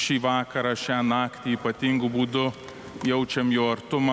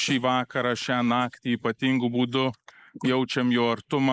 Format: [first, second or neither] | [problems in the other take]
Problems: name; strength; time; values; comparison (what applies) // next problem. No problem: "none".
first | noise reduction (neural mask model Resemble Enhance denoiser)